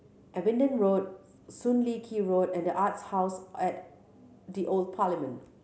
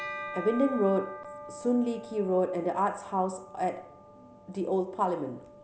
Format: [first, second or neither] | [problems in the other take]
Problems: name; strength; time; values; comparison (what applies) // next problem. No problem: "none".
first | background sound (Bell); 13 dB below the speech